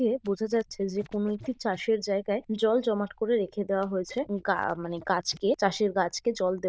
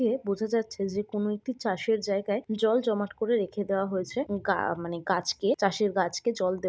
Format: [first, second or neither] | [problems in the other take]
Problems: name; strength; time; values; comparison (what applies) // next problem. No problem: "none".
second | noise reduction (neural diffusion model UNIVERSE++)